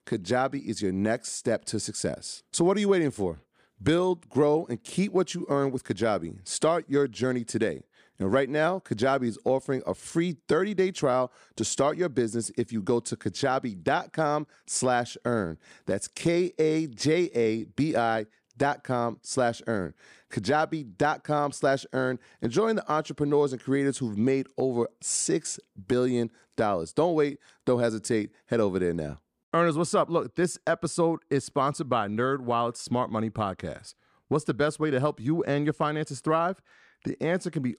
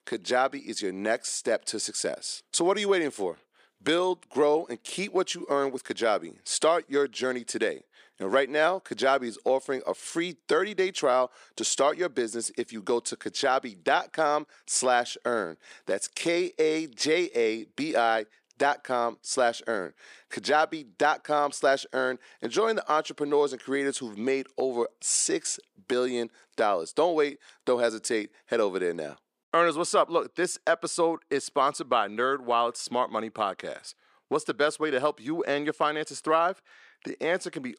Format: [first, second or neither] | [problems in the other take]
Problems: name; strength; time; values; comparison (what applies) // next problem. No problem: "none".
first | thin; somewhat; fading below 400 Hz